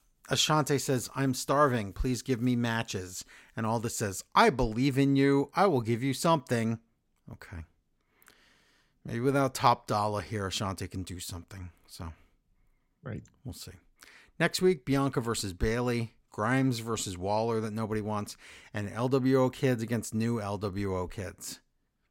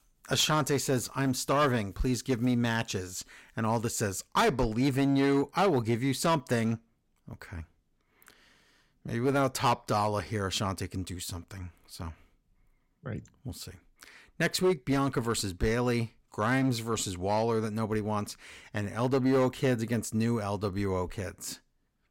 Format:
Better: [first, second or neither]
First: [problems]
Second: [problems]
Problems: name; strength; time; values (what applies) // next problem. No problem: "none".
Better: first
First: none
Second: distortion; slight; 4% of the sound clipped